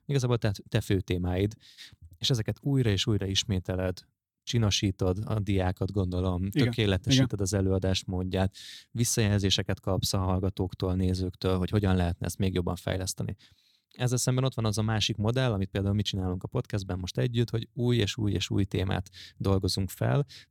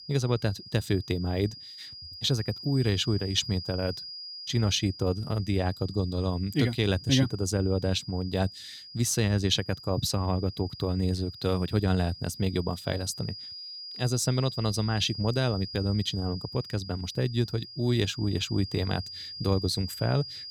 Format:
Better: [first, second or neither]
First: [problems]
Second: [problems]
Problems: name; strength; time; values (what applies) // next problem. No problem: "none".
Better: first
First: none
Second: high-pitched whine; noticeable; throughout; 5 kHz, 10 dB below the speech